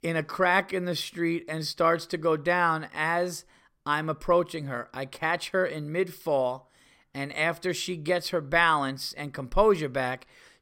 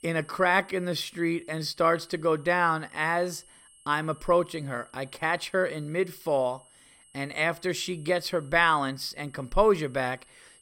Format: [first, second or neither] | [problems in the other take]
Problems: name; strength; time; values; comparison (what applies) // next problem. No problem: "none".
first | high-pitched whine; faint; throughout; 8.5 kHz, 25 dB below the speech